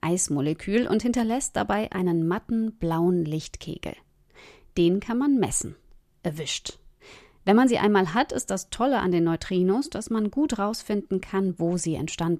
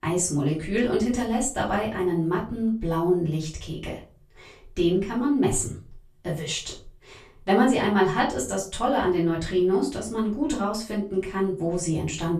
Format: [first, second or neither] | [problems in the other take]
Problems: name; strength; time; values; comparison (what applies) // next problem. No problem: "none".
first | room echo; slight; dies away in 0.3 s // off-mic speech; far